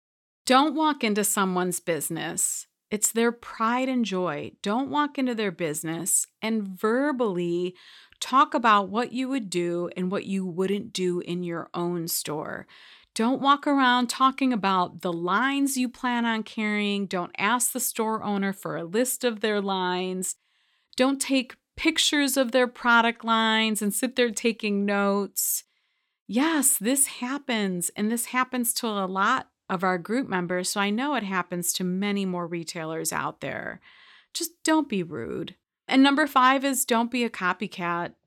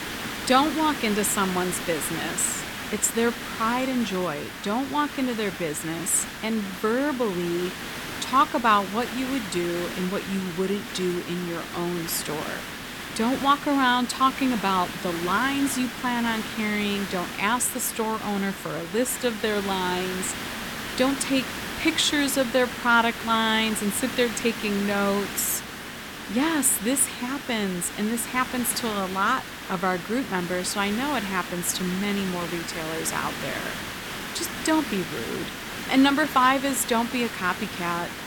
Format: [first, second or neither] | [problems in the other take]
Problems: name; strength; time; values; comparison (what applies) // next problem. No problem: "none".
first | hiss; loud; throughout; 8 dB below the speech